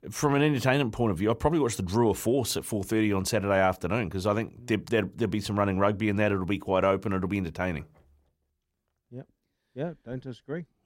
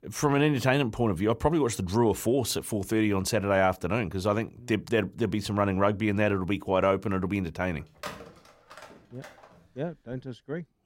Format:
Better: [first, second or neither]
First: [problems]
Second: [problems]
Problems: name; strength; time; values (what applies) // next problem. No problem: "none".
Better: first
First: none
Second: phone ringing; faint; from 8 to 9.5 s; peak 15 dB below the speech